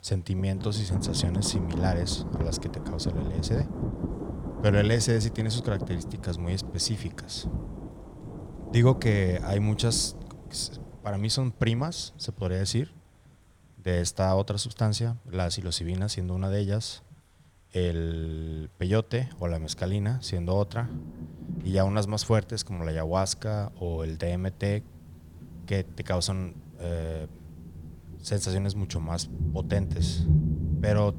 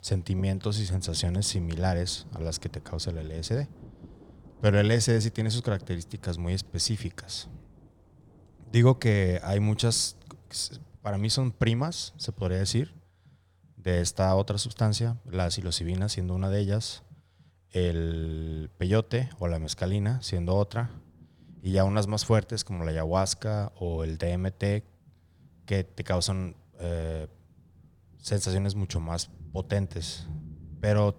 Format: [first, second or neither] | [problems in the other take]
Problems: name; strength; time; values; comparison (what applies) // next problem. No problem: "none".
second | rain or running water; loud; throughout; 6 dB below the speech; faint in the second